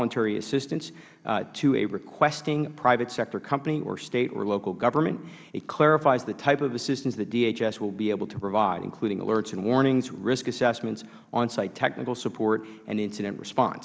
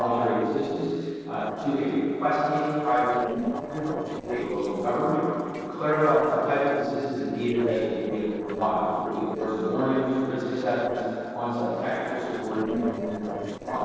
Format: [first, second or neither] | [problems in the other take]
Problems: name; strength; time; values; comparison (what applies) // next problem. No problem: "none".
first | noise reduction (neural separator model SepFormer DNS4)